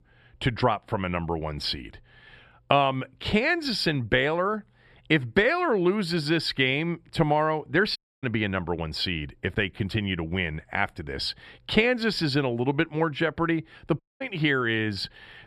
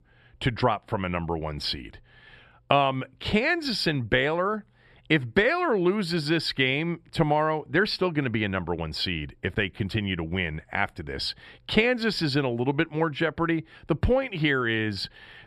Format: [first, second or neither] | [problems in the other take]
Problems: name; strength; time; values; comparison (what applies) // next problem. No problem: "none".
second | audio cutting out; at 8 s and at 14 s